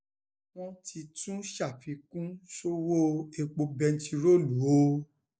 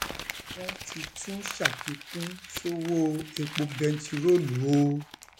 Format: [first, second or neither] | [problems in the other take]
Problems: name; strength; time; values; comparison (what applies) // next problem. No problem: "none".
first | background sound (Crumpling, crinkling); 9 dB below the speech